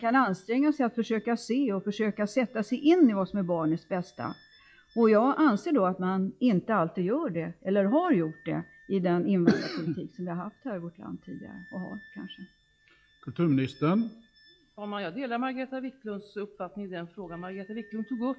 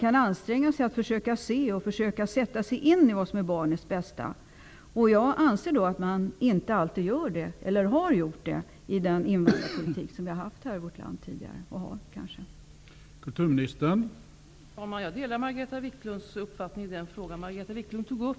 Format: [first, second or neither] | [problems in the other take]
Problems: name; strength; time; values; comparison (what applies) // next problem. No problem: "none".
second | noise reduction (classical method log-MMSE)